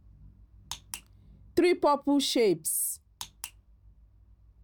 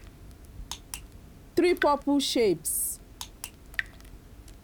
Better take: first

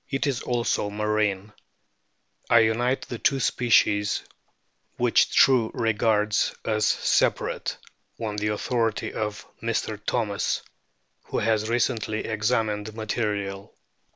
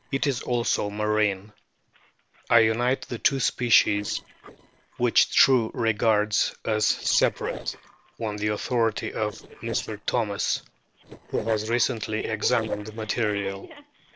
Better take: first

